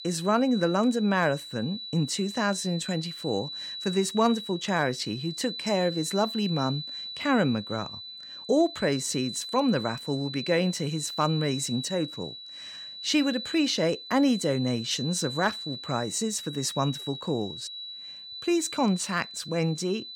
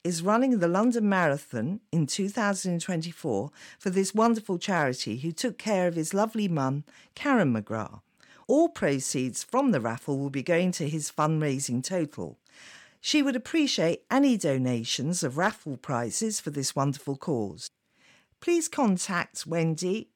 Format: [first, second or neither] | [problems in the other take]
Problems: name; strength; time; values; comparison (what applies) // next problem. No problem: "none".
second | high-pitched whine; loud; throughout; 4 kHz, 9 dB below the speech